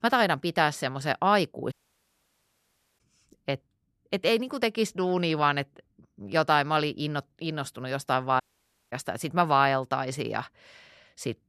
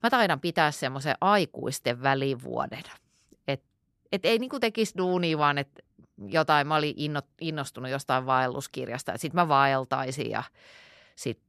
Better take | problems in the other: second | audio cutting out; at 1.5 s for 1.5 s and at 8.5 s for 0.5 s

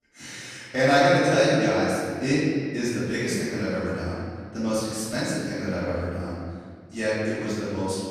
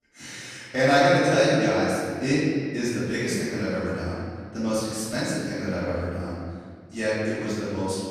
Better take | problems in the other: neither | off-mic speech; far; the same in both // room echo; strong; dies away in 1.9 s; the same in both

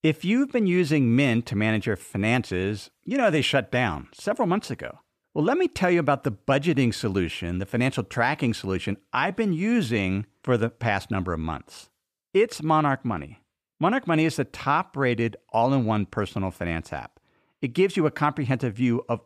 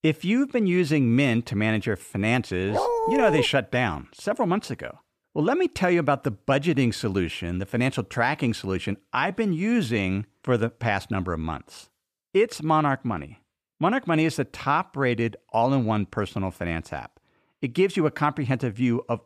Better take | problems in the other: first | dog barking; loud; at 2.5 s; peak 1 dB above the speech

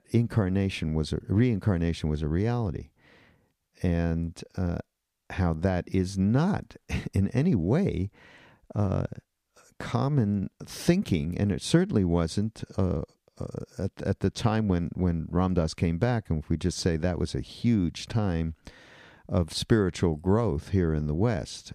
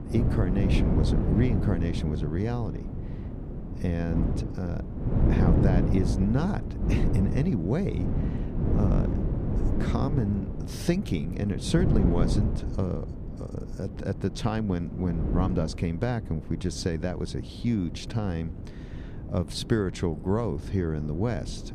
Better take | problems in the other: first | wind noise on the microphone; heavy; 4 dB below the speech

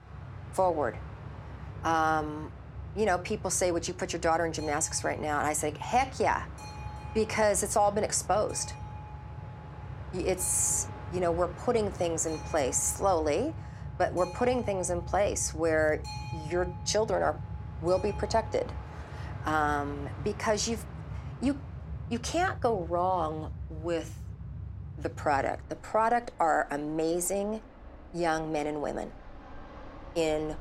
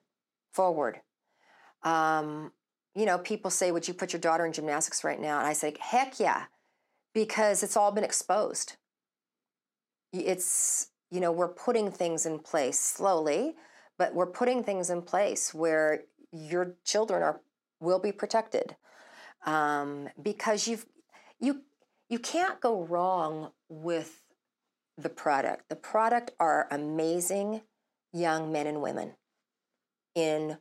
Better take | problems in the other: second | train or aircraft noise; noticeable; throughout; 10 dB below the speech

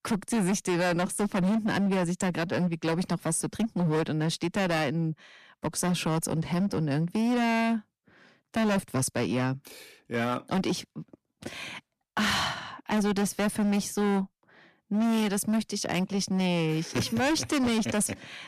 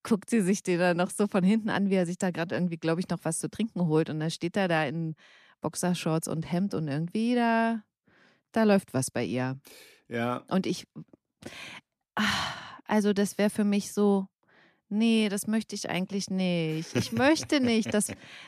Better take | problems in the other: second | distortion; heavy; 18% of the sound clipped

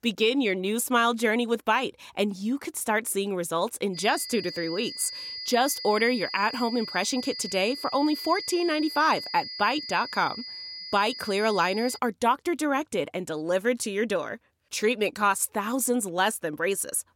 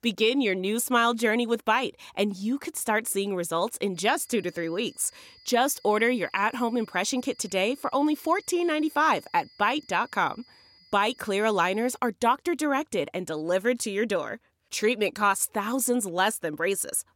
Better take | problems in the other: second | high-pitched whine; loud; from 4 to 12 s; 5 kHz, 9 dB below the speech; faint in the second

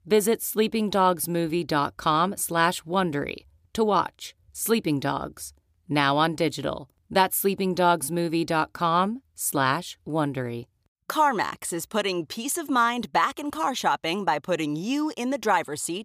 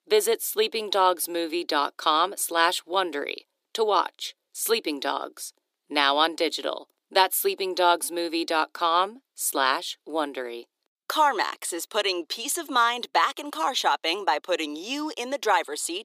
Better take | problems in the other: first | thin; somewhat; fading below 350 Hz

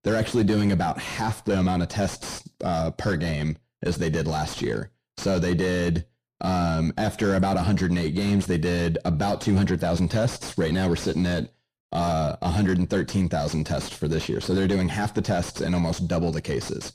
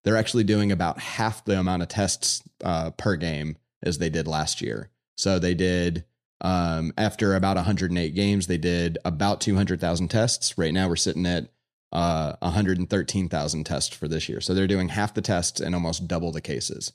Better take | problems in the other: second | distortion; heavy; 6 dB below the speech

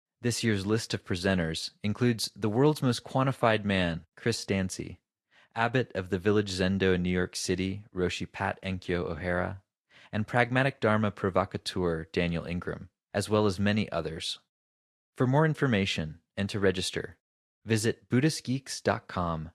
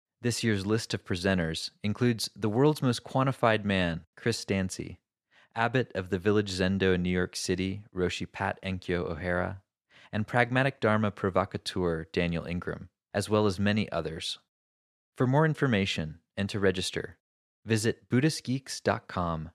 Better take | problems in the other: second | garbled, watery; slightly; nothing above 11.5 kHz

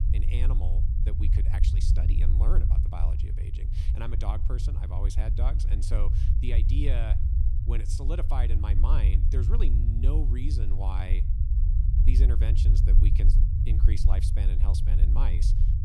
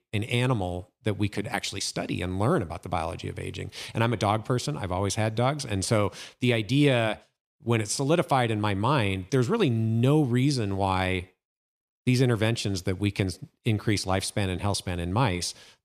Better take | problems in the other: second | low rumble; loud; throughout; 2 dB below the speech

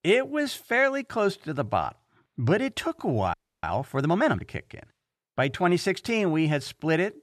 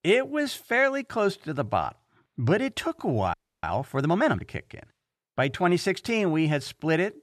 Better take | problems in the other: neither | audio freezing; at 3.5 s; the same in both

